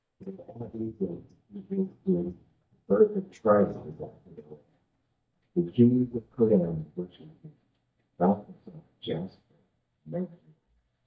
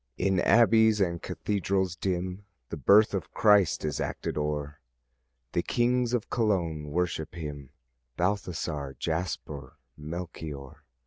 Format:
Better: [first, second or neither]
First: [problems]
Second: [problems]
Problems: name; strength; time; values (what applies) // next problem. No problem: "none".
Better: second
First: noise reduction (neural mask model DeepFilterNet 3)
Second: none